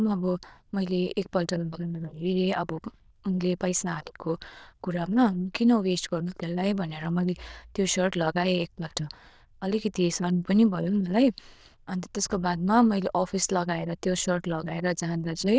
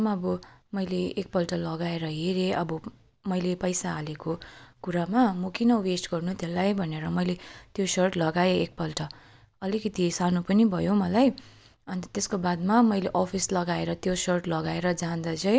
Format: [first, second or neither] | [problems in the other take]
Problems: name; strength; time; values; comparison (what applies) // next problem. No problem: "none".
second | noise reduction (neural diffusion model UNIVERSE++)